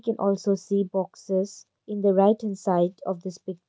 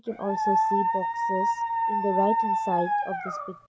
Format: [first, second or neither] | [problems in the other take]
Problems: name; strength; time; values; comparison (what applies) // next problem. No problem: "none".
first | background sound (Dog); 5 dB above the speech